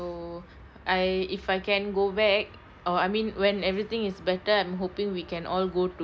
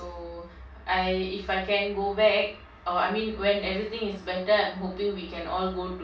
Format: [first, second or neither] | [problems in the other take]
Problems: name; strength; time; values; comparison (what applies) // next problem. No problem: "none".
first | room echo; dies away in 0.3 s